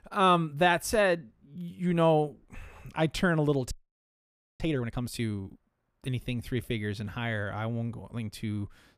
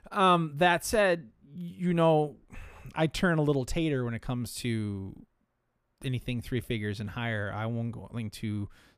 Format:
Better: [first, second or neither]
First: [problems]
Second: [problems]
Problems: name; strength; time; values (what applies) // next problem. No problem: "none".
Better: second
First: audio freezing; at 3.5 s for 1 s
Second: none